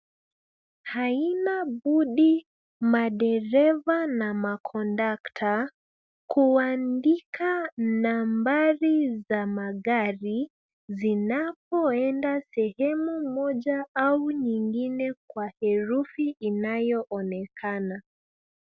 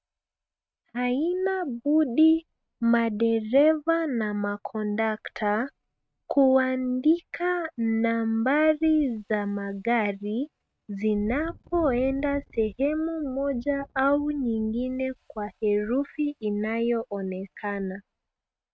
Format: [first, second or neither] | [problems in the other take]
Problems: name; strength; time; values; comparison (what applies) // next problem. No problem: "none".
first | noise reduction (neural mask model RNNoise)